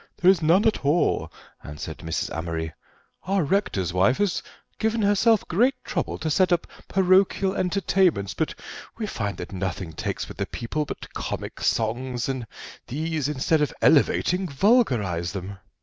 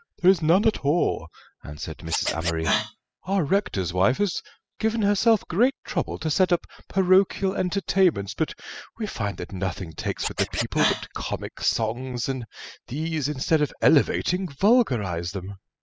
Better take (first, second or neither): first